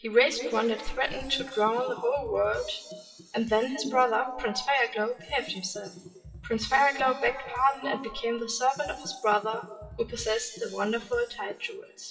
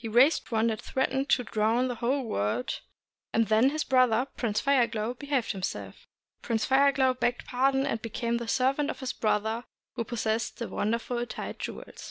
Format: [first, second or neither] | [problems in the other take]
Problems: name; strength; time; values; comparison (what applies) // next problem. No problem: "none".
second | noise reduction (classical method WPE with log-MMSE)